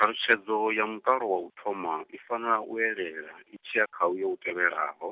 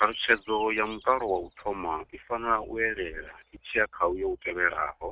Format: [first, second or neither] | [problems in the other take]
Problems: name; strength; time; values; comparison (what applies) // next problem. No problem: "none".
first | noise reduction (neural mask model RNNoise)